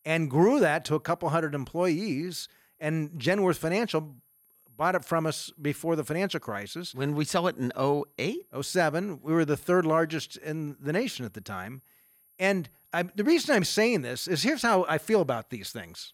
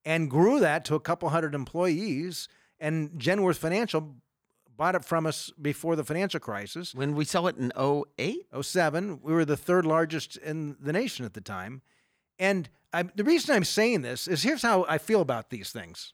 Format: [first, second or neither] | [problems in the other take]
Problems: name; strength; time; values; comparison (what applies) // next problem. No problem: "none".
second | high-pitched whine; faint; throughout; 11.5 kHz, 35 dB below the speech